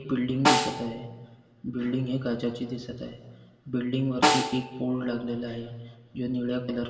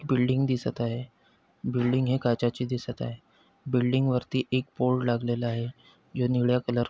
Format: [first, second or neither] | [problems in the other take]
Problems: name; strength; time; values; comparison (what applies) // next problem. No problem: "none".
second | background sound (Snare drum); as loud as the speech // room echo; dies away in 2.1 s